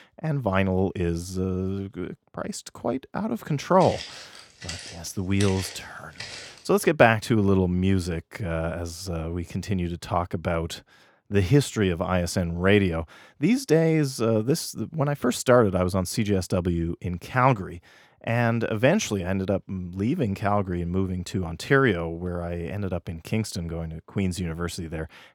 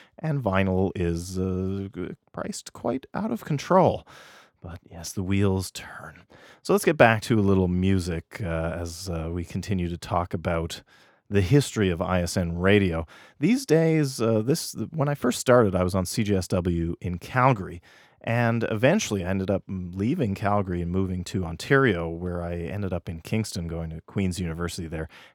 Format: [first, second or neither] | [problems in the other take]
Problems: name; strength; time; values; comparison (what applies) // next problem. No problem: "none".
second | footsteps; noticeable; from 4 to 6.5 s; peak 8 dB below the speech